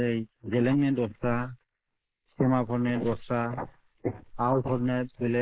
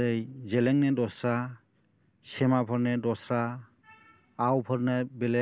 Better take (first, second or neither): second